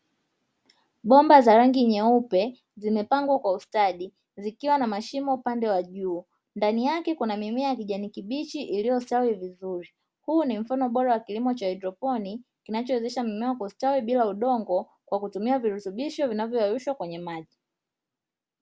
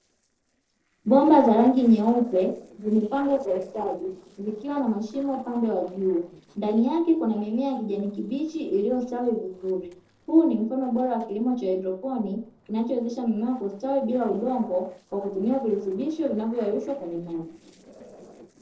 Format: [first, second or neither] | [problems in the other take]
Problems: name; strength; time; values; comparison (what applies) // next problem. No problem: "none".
first | noise reduction (neural separator model SepFormer DNS4)